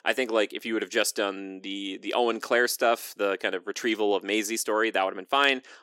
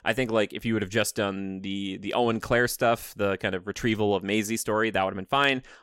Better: second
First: thin; very slightly; fading below 300 Hz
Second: none

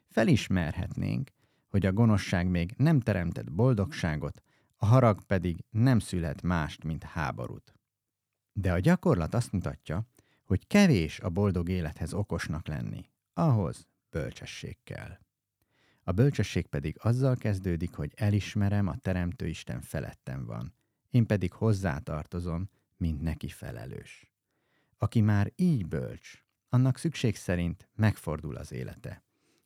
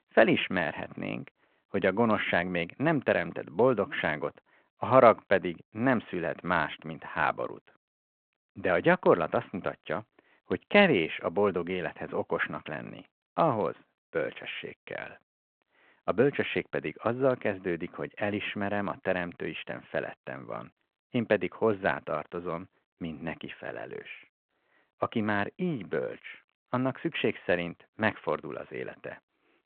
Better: first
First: none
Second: phone-call audio

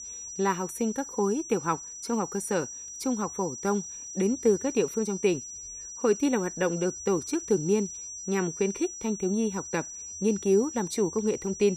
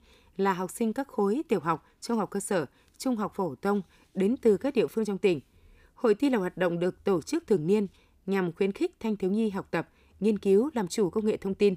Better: second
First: high-pitched whine; loud; throughout; 6 kHz, 9 dB below the speech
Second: none

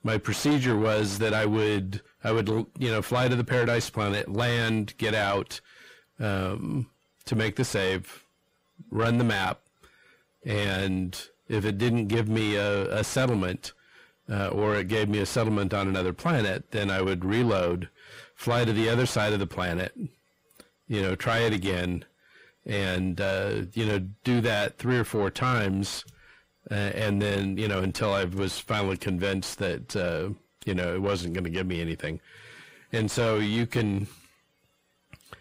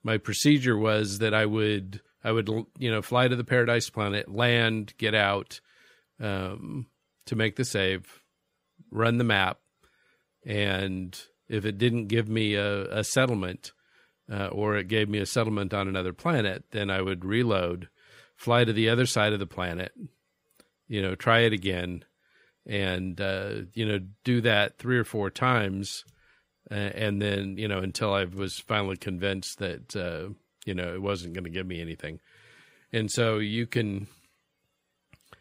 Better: second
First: distortion; heavy; 6 dB below the speech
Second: none

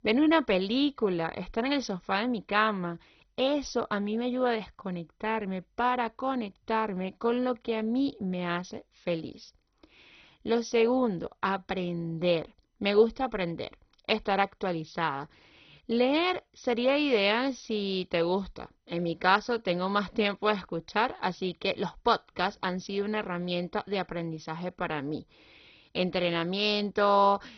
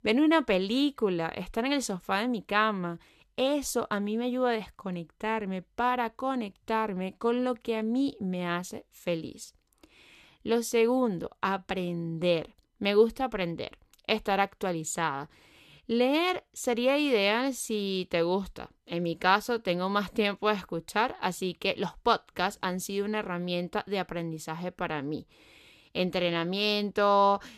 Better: second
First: garbled, watery; badly; nothing above 6 kHz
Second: none

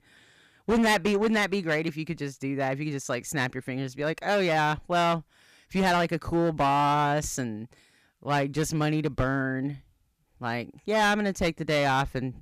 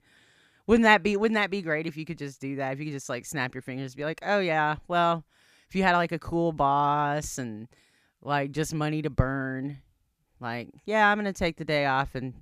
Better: second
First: distortion; heavy; 8% of the sound clipped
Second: none

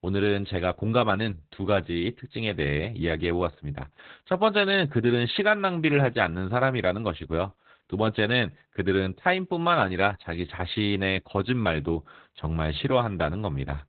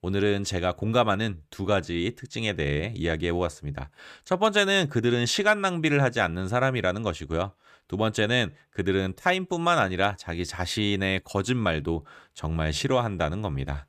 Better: second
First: garbled, watery; badly; nothing above 4 kHz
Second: none

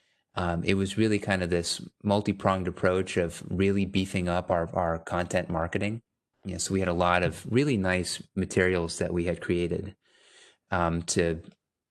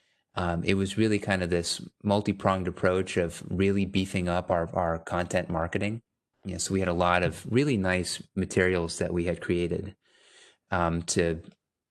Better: neither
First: none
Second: none

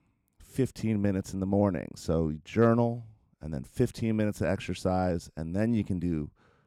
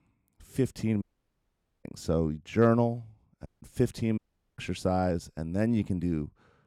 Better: first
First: none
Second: audio cutting out; at 1 s for 1 s, at 3.5 s and at 4 s

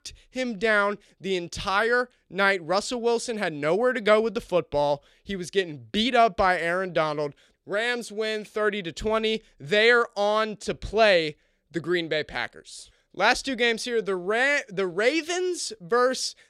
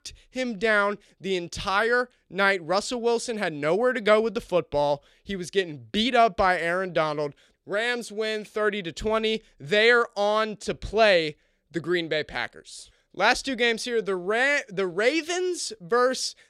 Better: neither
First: none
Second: none

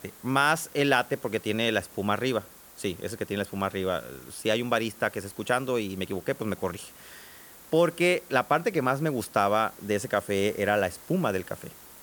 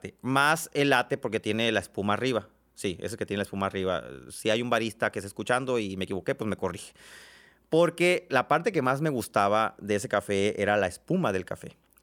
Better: second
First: hiss; noticeable; throughout; 20 dB below the speech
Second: none

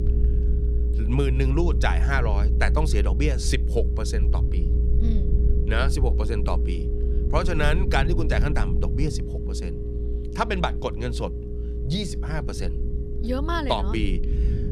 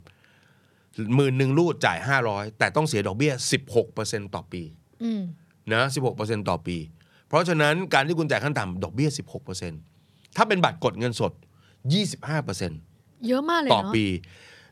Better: second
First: low rumble; loud; throughout; 9 dB below the speech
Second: none

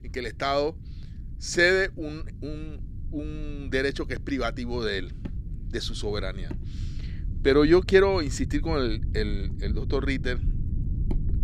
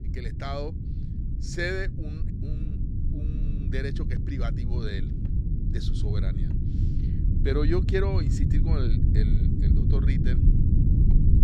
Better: first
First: low rumble; faint; throughout; 25 dB below the speech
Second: low rumble; loud; throughout; 5 dB below the speech

